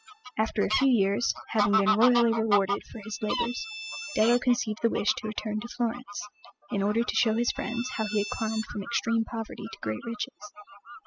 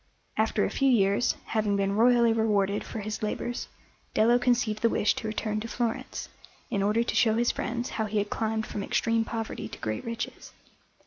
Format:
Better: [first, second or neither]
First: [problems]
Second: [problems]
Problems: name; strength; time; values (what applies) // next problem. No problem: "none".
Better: second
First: noise reduction (classical method spectral subtraction)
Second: none